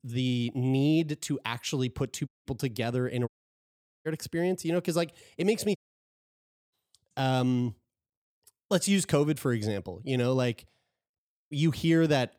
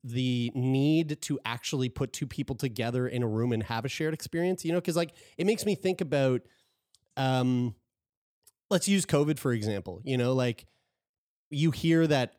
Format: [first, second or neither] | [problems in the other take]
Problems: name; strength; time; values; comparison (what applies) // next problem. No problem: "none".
second | audio cutting out; at 2.5 s, at 3.5 s for 1 s and at 6 s for 1 s